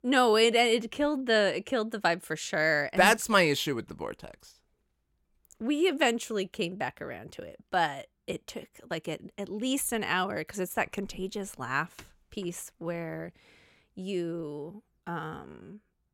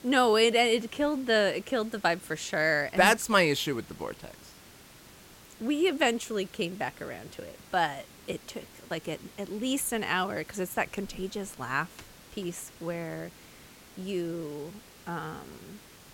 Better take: first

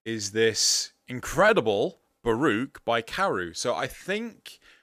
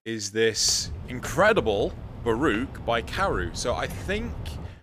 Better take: first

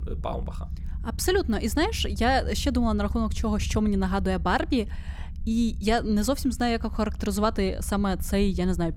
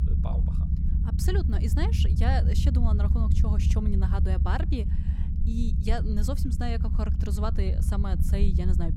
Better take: first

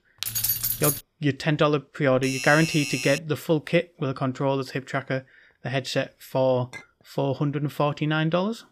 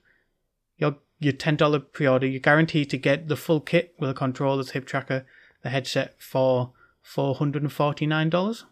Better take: second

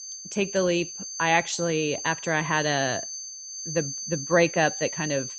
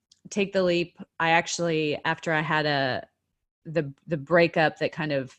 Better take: second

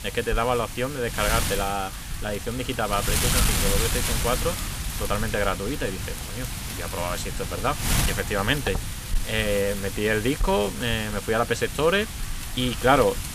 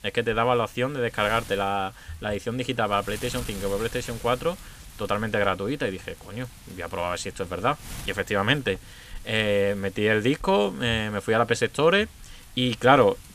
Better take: second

